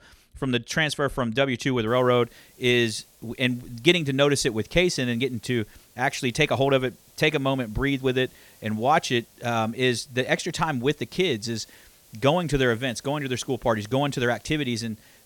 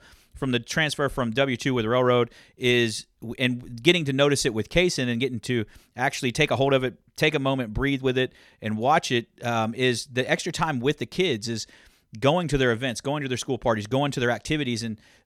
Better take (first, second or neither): second